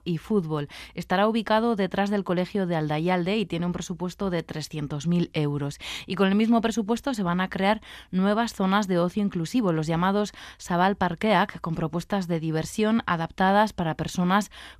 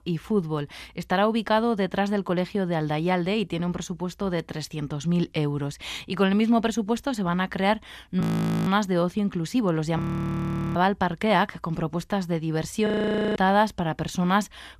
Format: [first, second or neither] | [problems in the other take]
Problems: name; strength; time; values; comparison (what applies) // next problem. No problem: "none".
first | audio freezing; at 8 s, at 10 s for 1 s and at 13 s